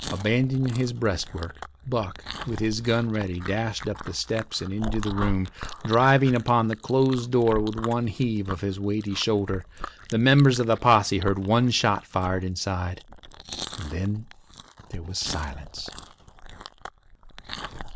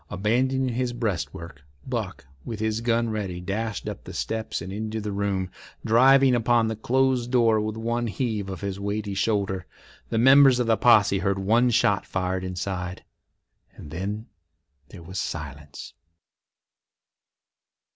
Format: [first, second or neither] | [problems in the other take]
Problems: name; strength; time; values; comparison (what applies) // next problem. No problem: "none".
second | background sound (Chewing, mastication); 13 dB below the speech